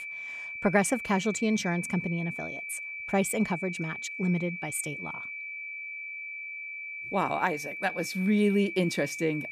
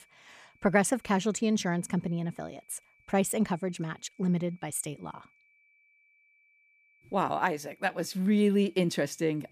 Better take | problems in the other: second | high-pitched whine; loud; throughout; 2.5 kHz, 7 dB below the speech; faint in the second

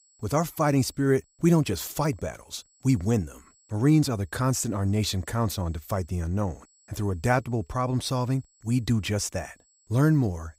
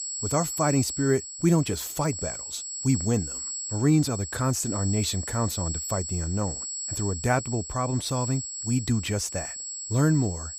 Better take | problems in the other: first | high-pitched whine; loud; throughout; 7.5 kHz, 6 dB below the speech; faint in the first

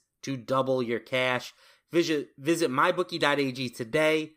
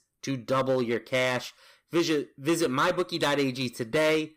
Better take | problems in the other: first | distortion; slight; 7% of the sound clipped

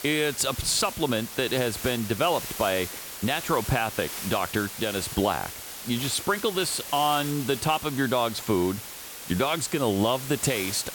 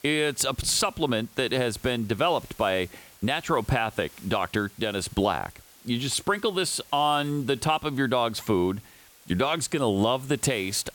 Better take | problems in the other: second | hiss; loud; throughout; 9 dB below the speech; faint in the second

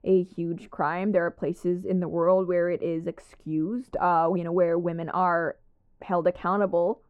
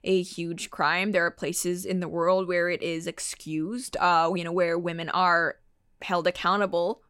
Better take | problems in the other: second | muffled; very; fading above 2 kHz

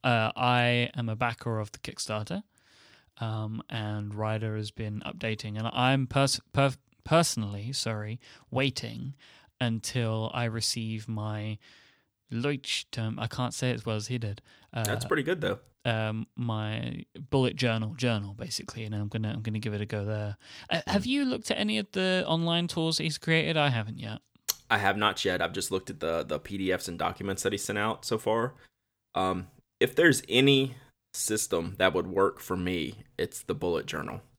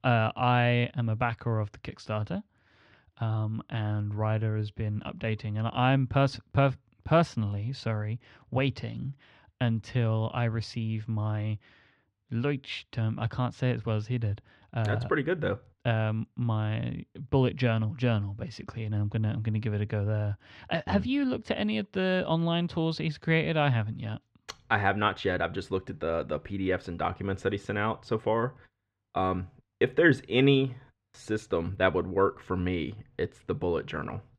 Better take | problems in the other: first | muffled; slightly; fading above 2.5 kHz

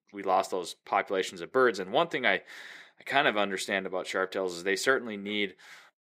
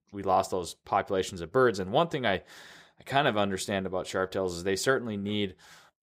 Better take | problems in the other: second | thin; very slightly; fading below 250 Hz

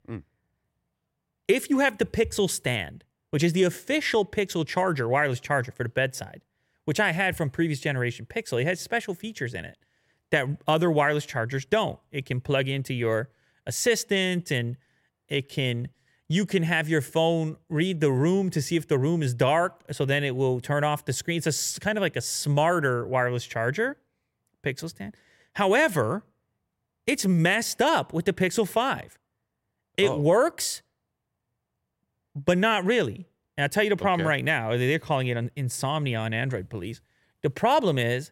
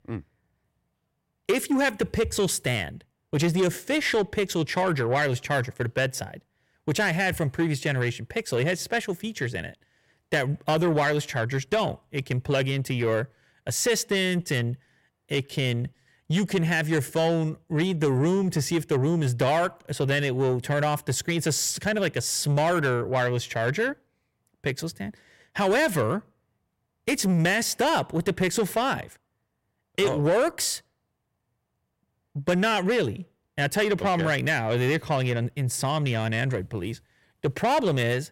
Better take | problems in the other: first | distortion; slight; 10 dB below the speech

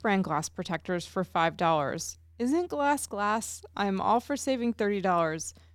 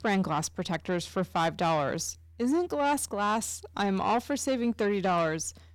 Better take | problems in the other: first | distortion; slight; 10 dB below the speech

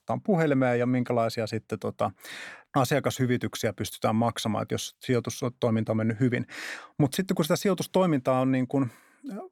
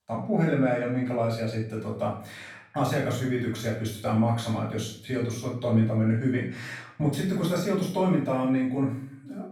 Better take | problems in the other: first | off-mic speech; far // room echo; noticeable; dies away in 0.5 s

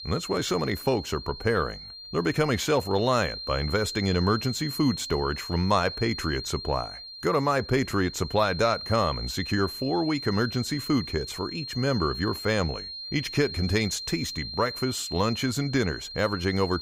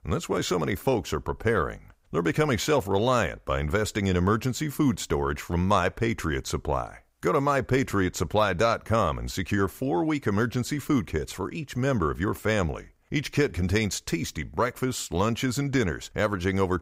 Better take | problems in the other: second | high-pitched whine; loud; throughout; 4 kHz, 9 dB below the speech

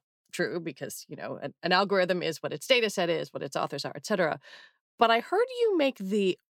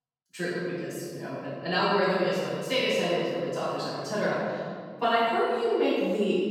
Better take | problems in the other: first | off-mic speech; far // room echo; strong; dies away in 1.9 s

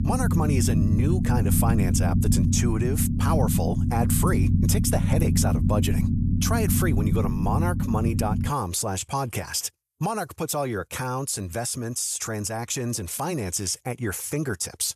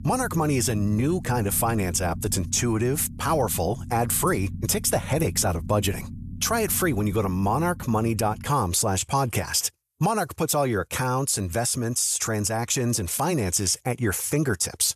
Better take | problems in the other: second | low rumble; loud; until 8.5 s; 4 dB below the speech; faint in the second

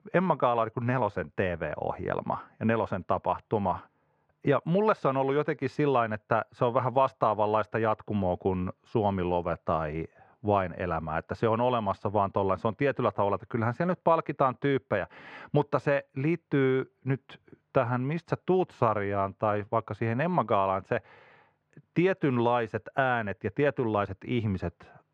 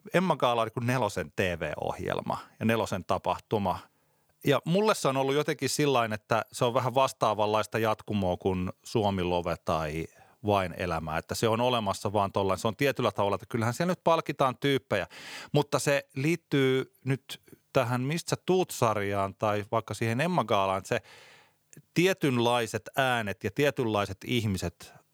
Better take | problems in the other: second | muffled; very; fading above 1.5 kHz

